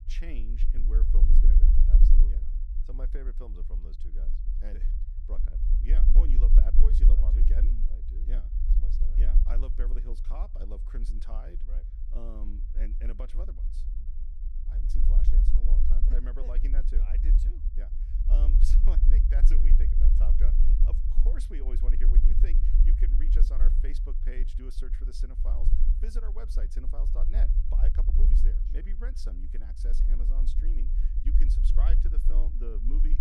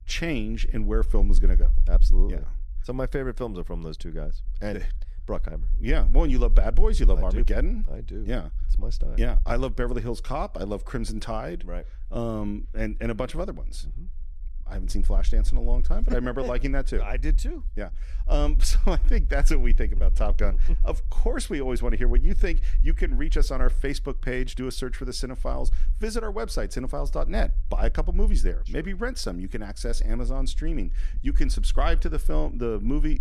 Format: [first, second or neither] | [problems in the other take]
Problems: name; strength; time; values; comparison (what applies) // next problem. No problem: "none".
second | low rumble; loud; throughout; 2 dB below the speech; faint in the second